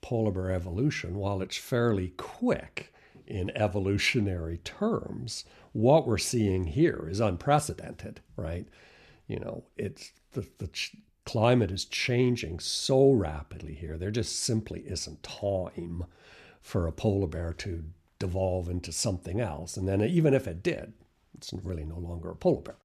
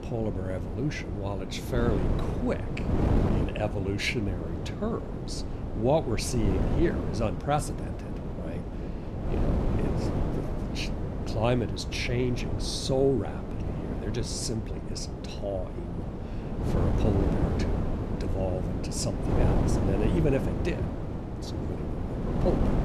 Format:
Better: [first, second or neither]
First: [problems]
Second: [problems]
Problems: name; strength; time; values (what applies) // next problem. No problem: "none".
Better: first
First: none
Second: wind noise on the microphone; heavy; 4 dB below the speech